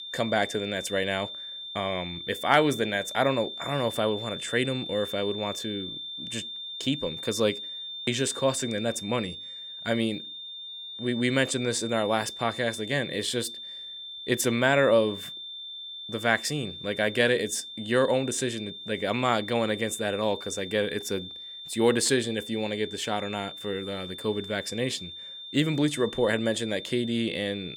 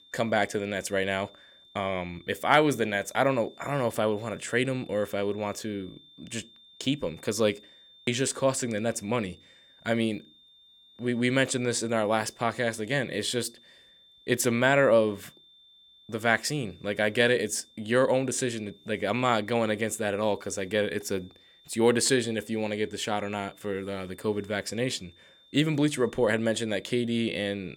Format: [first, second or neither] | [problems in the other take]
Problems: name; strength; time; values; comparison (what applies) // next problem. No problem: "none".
second | high-pitched whine; loud; throughout; 3.5 kHz, 9 dB below the speech; faint in the second